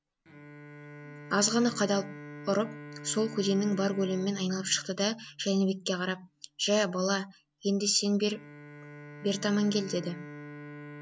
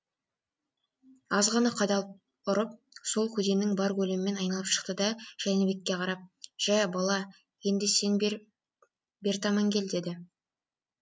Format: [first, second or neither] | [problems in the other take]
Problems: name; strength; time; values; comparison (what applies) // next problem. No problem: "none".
second | background sound (Bowed string instrument); 16 dB below the speech